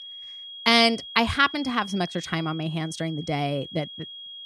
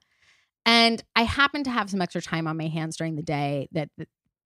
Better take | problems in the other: second | high-pitched whine; noticeable; throughout; 3.5 kHz, 15 dB below the speech

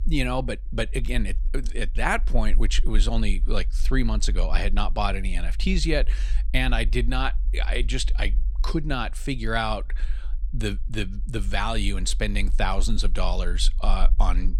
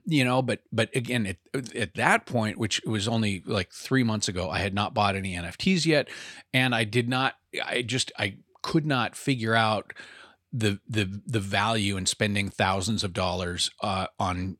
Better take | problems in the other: second | low rumble; faint; throughout; 25 dB below the speech

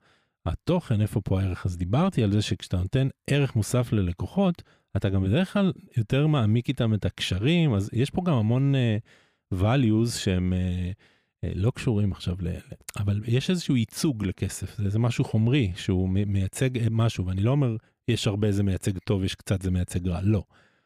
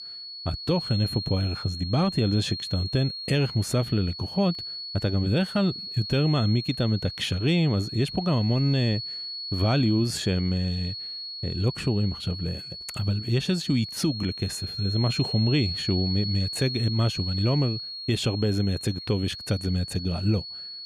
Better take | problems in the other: first | high-pitched whine; loud; throughout; 4.5 kHz, 7 dB below the speech

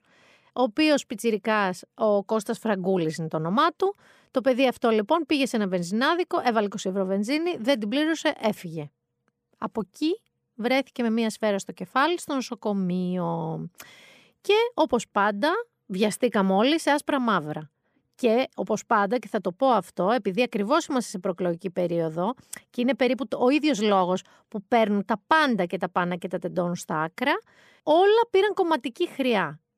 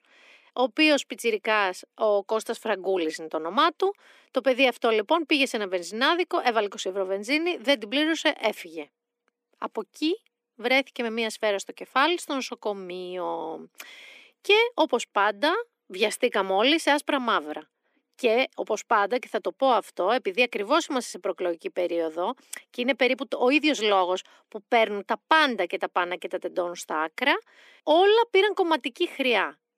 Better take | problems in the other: first | thin; very slightly; fading below 250 Hz

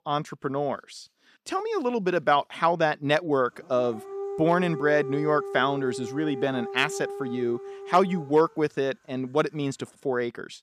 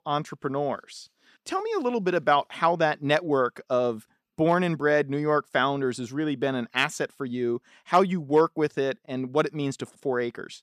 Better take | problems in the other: second | dog barking; noticeable; from 3.5 to 8.5 s; peak 7 dB below the speech

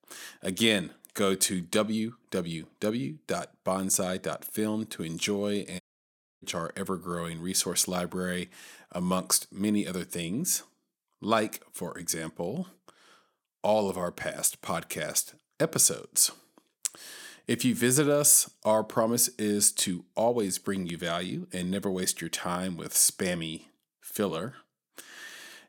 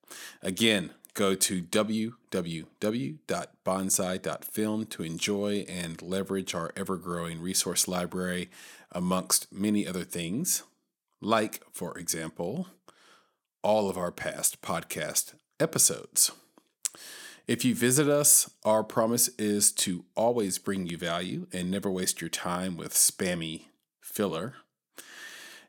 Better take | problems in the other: second | audio cutting out; at 6 s for 0.5 s

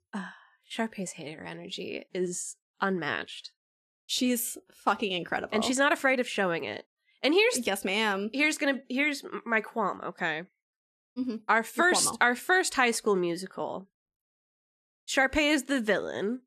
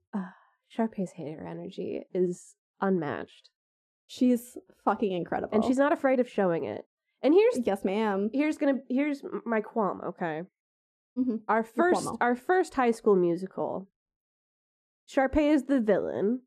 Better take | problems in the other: first | muffled; slightly; fading above 1.5 kHz

